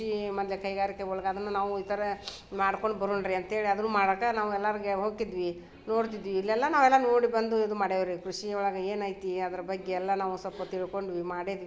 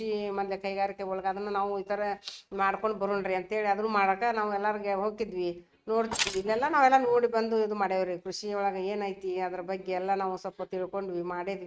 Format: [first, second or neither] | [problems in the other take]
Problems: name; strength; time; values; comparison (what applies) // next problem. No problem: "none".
first | noise reduction (neural mask model RNNoise)